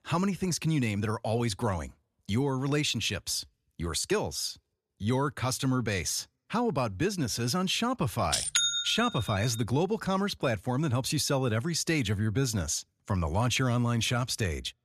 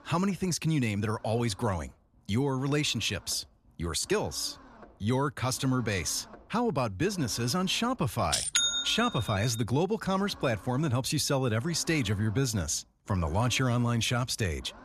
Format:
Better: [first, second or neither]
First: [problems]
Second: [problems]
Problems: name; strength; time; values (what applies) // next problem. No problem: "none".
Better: first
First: none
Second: low rumble; faint; throughout; 20 dB below the speech